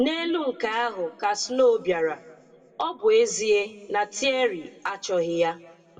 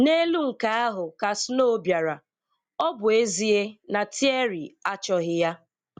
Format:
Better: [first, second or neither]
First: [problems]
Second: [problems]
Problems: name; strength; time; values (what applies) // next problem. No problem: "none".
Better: second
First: room echo; dies away in 1.6 s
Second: none